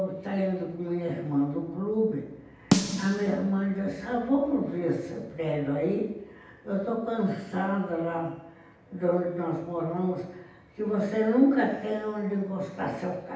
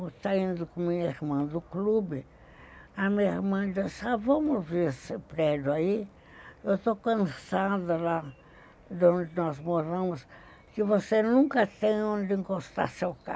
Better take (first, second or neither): second